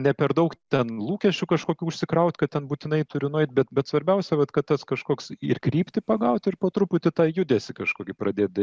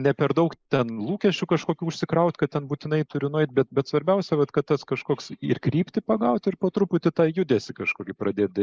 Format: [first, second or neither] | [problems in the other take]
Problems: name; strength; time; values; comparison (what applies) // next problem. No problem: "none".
first | noise reduction (neural mask model Resemble Enhance denoiser)